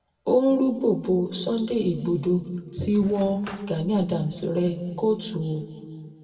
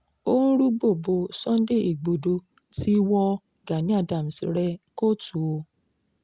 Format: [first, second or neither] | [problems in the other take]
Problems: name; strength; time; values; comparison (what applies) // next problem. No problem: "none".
second | background sound (Cutlery, silverware / Drawer open or close); 19 dB below the speech // room echo; dies away in 1.9 s